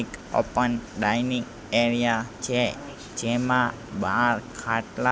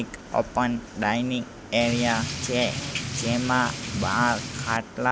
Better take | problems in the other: first | background sound (Drip / Rain); 5 dB below the speech

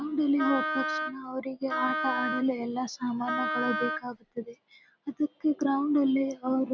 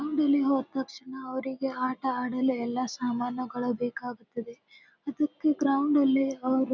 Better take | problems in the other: second | background sound (Wind instrument, woodwind instrument); 3 dB below the speech

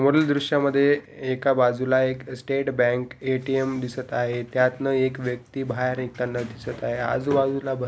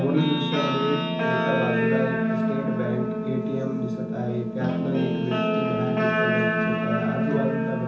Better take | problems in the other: first | background sound (Guitar); 4 dB above the speech // room echo; dies away in 0.7 s

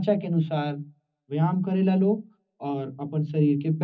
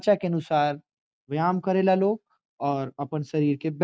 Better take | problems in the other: second | room echo; dies away in 0.4 s

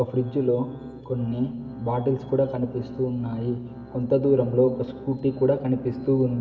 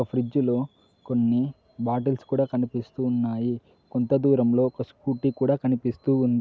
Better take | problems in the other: second | background sound (Organ); 20 dB below the speech // room echo; dies away in 2.8 s

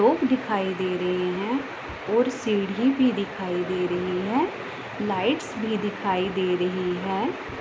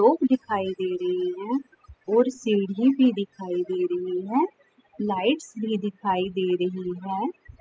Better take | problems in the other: first | noise reduction (classical method spectral subtraction)

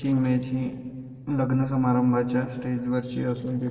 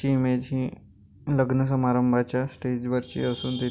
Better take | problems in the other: second | noise reduction (neural separator model SepFormer DNS4)

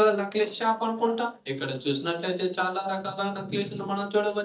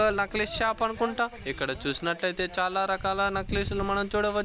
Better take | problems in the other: second | noise reduction (neural mask model DeepFilterNet 3)

